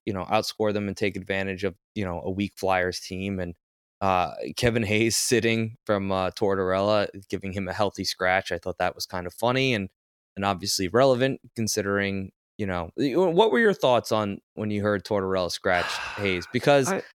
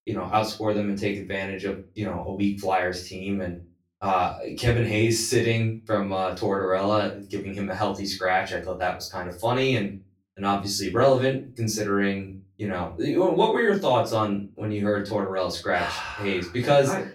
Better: first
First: none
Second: room echo; slight; dies away in 0.3 s // off-mic speech; far

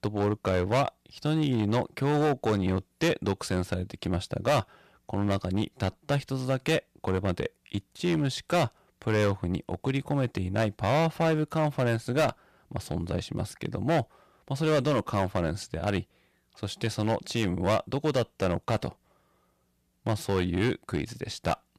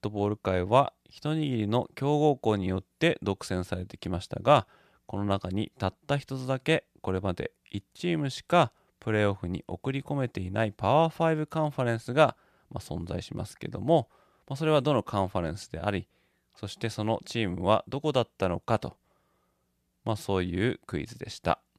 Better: second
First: distortion; heavy; 7% of the sound clipped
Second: none

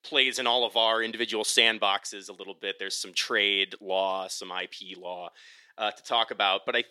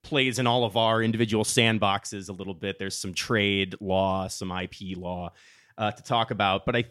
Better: second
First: thin; somewhat; fading below 350 Hz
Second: none

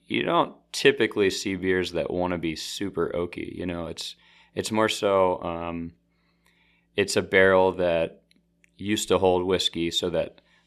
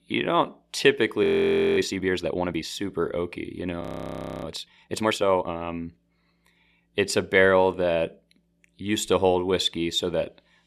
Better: first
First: none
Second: audio freezing; at 1 s for 0.5 s and at 4 s for 0.5 s

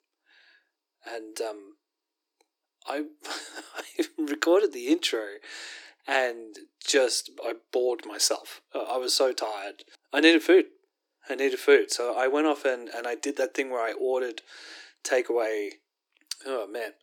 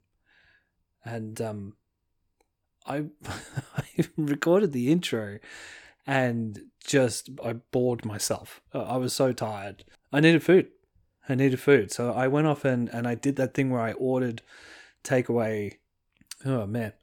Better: second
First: thin; somewhat; fading below 300 Hz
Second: none

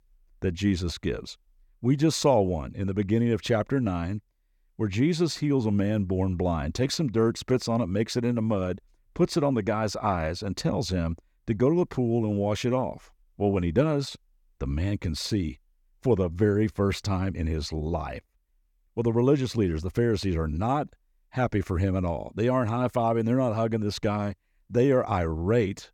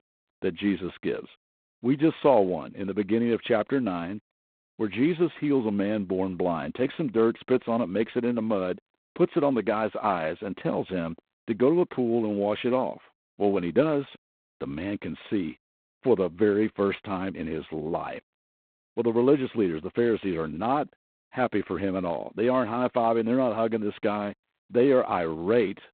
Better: first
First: none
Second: phone-call audio; poor line; nothing above 4 kHz

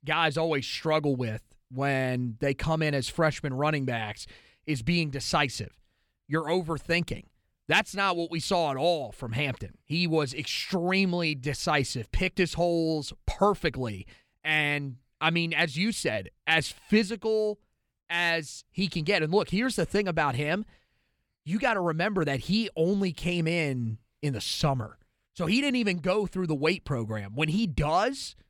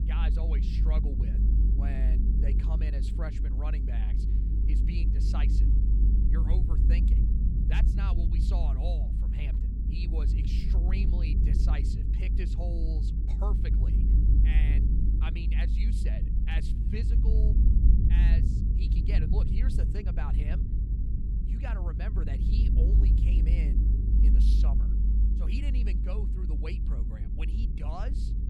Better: first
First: none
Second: low rumble; loud; throughout; 1 dB below the speech

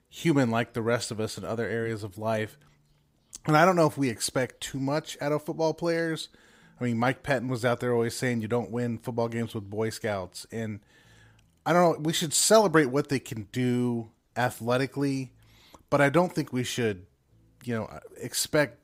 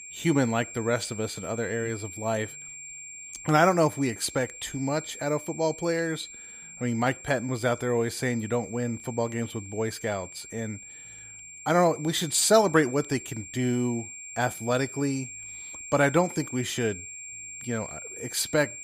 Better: first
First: none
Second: high-pitched whine; noticeable; throughout; 7.5 kHz, 10 dB below the speech

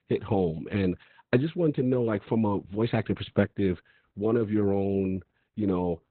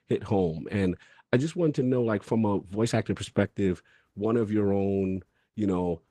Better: second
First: garbled, watery; badly; nothing above 4 kHz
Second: garbled, watery; slightly

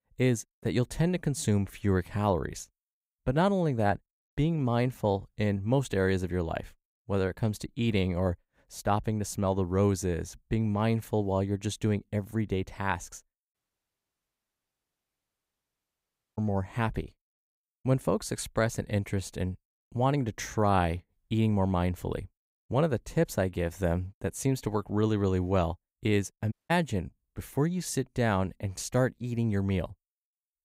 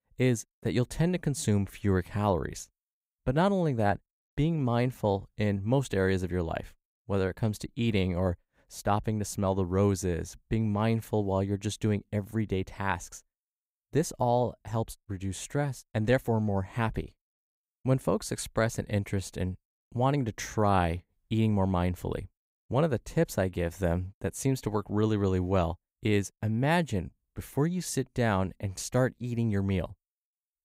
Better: second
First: audio cutting out; at 14 s for 3 s and at 27 s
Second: none

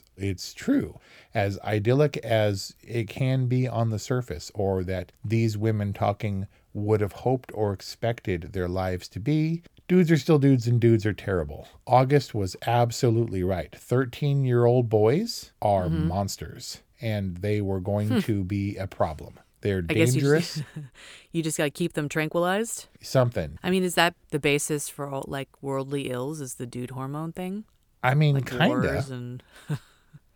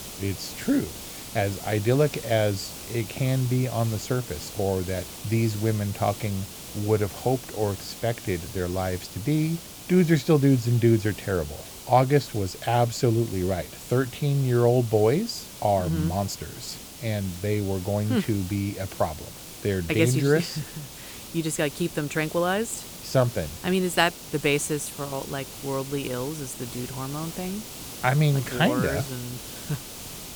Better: first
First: none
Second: hiss; noticeable; throughout; 10 dB below the speech

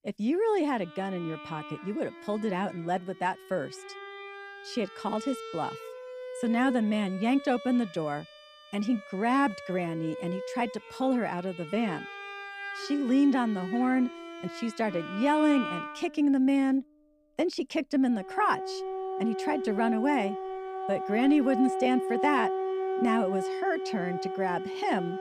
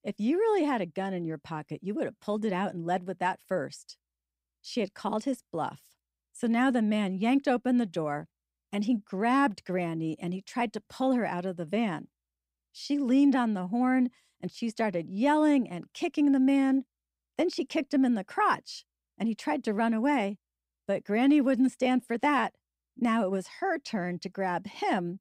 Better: second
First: background music; loud; throughout; 8 dB below the speech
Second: none

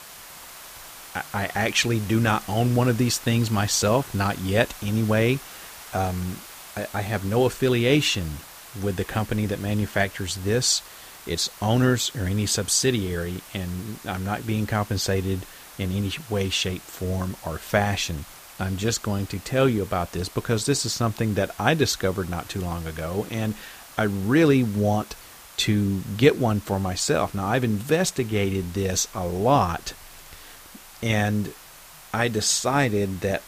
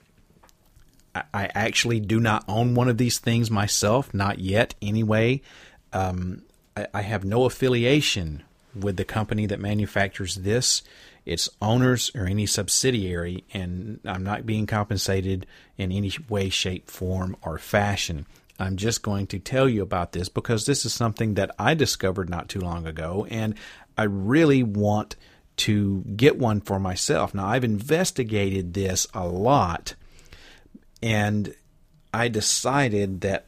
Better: second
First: hiss; noticeable; throughout; 20 dB below the speech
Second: none

